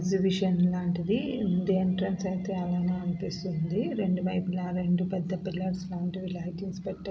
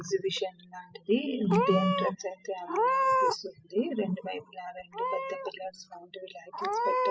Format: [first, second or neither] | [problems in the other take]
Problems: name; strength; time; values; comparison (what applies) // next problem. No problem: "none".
first | noise reduction (classical method spectral subtraction)